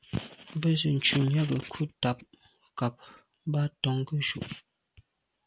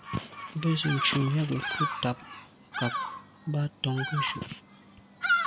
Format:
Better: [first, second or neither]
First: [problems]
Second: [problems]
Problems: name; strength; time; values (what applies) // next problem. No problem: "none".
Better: first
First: none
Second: background sound (Bird vocalization, bird call, bird song); 3 dB below the speech